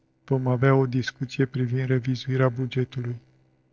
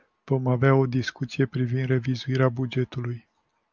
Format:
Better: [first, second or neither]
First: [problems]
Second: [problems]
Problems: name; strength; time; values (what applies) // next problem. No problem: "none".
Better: second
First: noise reduction (neural separator model SepFormer DNS4)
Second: none